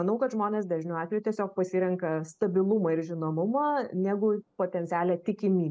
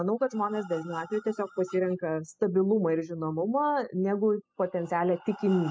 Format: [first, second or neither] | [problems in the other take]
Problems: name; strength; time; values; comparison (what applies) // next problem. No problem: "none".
first | noise reduction (classical method spectral subtraction)